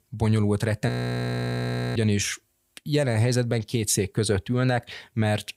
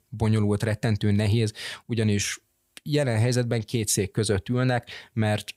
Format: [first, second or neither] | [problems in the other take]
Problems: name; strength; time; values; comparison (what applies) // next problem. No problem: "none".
second | audio freezing; at 1 s for 1 s